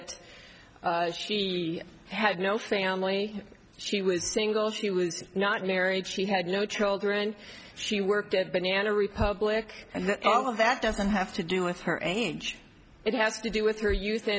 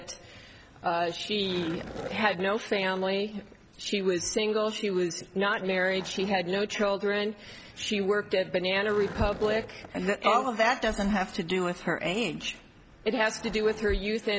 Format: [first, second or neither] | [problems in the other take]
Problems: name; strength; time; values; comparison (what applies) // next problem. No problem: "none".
first | background sound (Skateboard); 18 dB below the speech